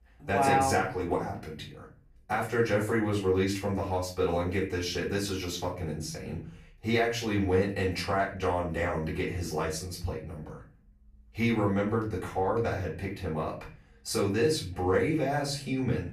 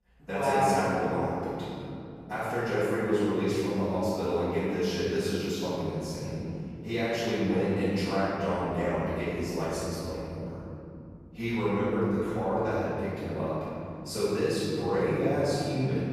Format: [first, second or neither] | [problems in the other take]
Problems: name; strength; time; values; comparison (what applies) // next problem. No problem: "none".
first | room echo; strong; dies away in 3 s; slight in the first // off-mic speech; far; far in the first